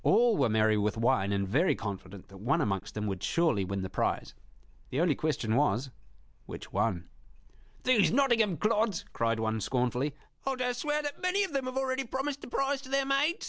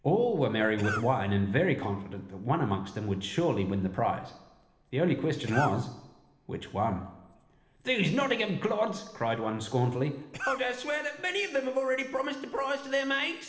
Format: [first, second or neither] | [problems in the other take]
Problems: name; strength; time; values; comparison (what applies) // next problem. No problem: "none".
first | background sound (Cough); 8 dB below the speech // room echo; dies away in 1.1 s